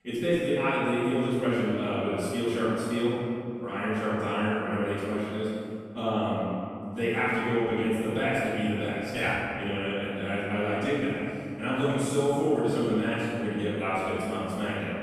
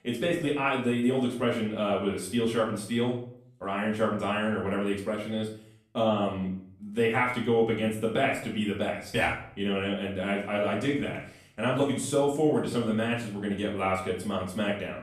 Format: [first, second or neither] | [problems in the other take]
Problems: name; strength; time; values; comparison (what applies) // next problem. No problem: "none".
second | room echo; strong; dies away in 2.4 s; slight in the second // off-mic speech; far; far in the second